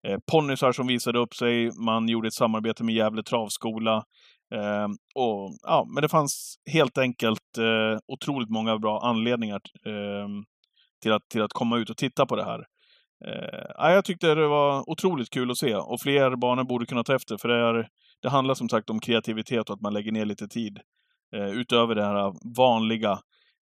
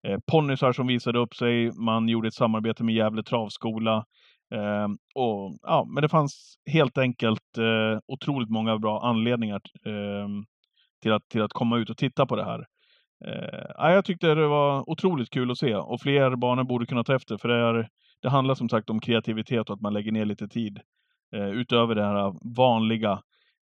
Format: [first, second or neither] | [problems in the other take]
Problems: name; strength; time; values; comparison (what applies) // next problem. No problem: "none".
first | muffled; slightly; fading above 4 kHz